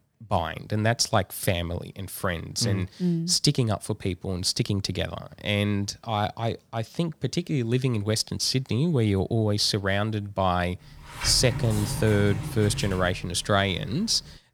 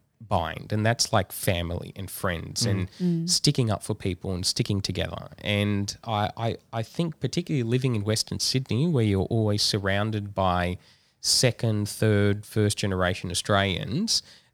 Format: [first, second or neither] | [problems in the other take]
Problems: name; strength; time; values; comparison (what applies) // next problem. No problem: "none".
second | door banging; noticeable; from 11 s on; peak 6 dB below the speech